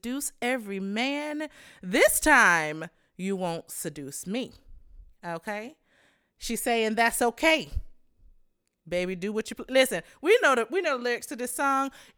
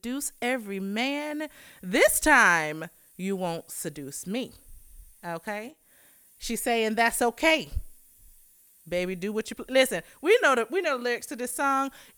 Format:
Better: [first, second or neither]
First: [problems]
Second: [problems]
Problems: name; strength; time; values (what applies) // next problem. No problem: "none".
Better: first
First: none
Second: hiss; faint; throughout; 30 dB below the speech